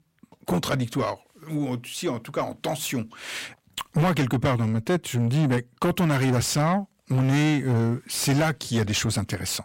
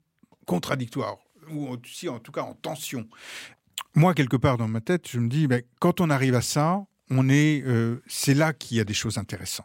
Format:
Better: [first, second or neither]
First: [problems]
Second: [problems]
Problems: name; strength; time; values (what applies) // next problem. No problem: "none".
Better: second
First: distortion; heavy; 7 dB below the speech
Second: none